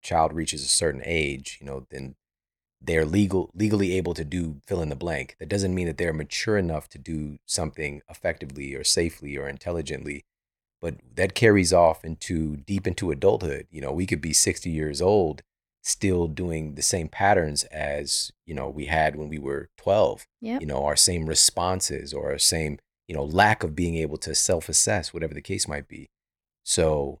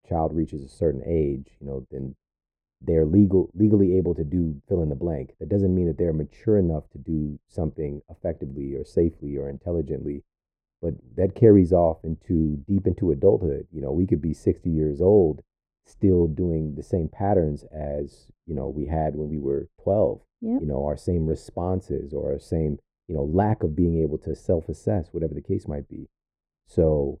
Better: first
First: none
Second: muffled; very; fading above 1 kHz

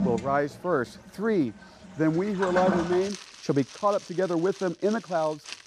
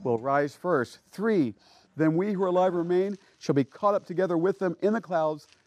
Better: second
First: household noises; loud; throughout; 9 dB below the speech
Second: household noises; faint; throughout; 30 dB below the speech

